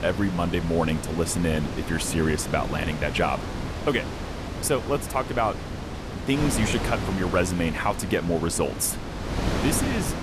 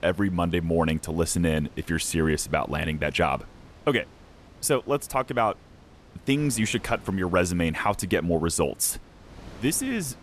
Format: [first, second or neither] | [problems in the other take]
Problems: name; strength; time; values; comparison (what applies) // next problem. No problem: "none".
second | wind noise on the microphone; heavy; 7 dB below the speech; occasional gusts in the second